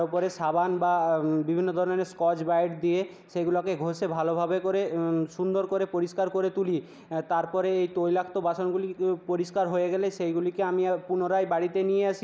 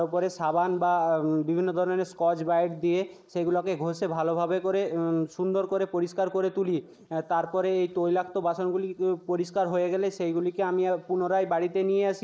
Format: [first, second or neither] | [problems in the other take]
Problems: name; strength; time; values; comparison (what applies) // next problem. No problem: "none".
first | noise reduction (neural mask model Resemble Enhance denoiser)